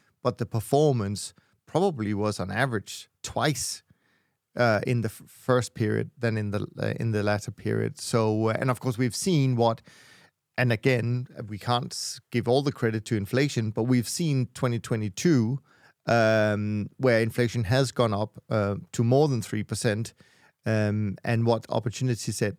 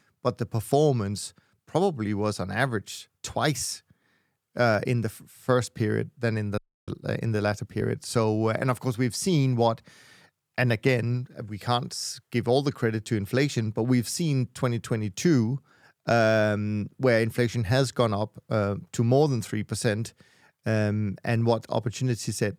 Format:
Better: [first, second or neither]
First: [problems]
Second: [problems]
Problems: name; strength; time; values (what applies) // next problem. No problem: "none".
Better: first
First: none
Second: audio freezing; at 6.5 s